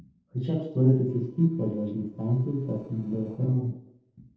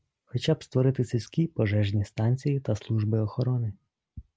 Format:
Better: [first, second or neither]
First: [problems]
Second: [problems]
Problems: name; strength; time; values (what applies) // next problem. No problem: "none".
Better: second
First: noise reduction (neural separator model SepFormer DNS4)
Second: none